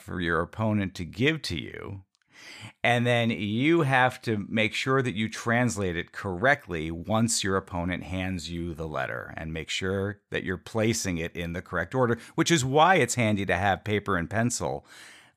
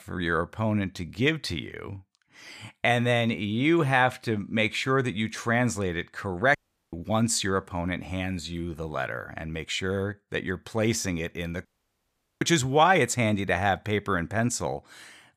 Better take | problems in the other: first | audio cutting out; at 6.5 s and at 12 s for 1 s

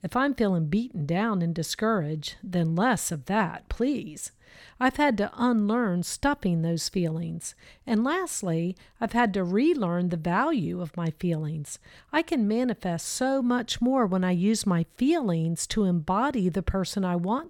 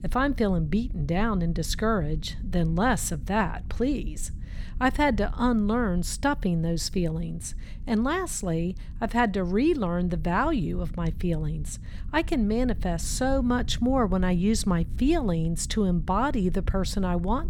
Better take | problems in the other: first | low rumble; faint; throughout; 25 dB below the speech

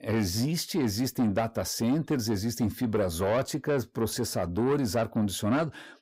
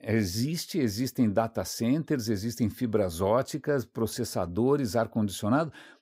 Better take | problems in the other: second | distortion; slight; 10 dB below the speech

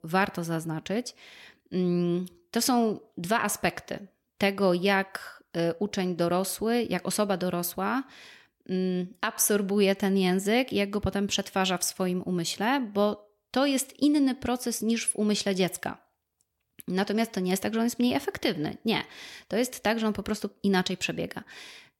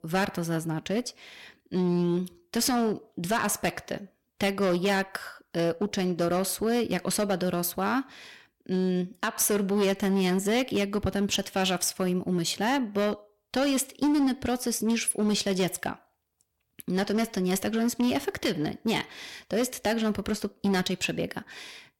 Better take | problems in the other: first | distortion; slight; 9% of the sound clipped

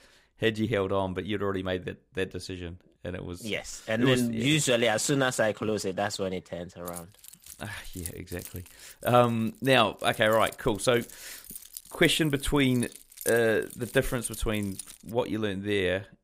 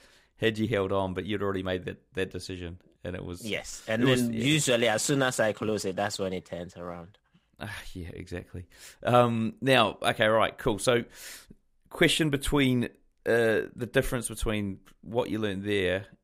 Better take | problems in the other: second | jangling keys; noticeable; from 7 to 15 s; peak 8 dB below the speech

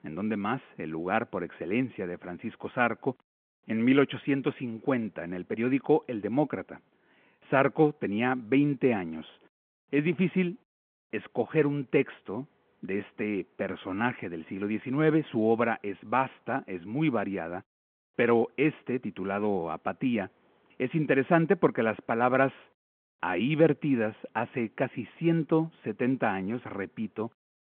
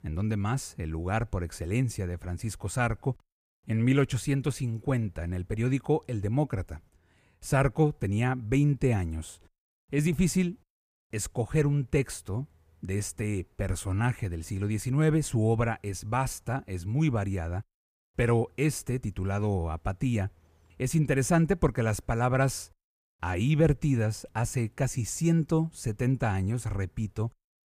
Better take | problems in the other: second | phone-call audio

